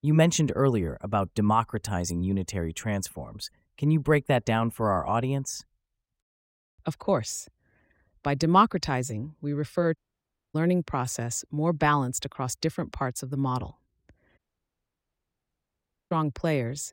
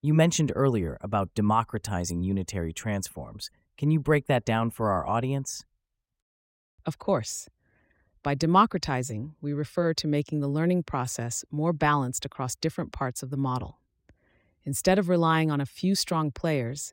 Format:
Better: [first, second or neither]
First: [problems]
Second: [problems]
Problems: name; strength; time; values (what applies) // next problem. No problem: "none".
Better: second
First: audio cutting out; at 10 s for 0.5 s and at 14 s for 1.5 s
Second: none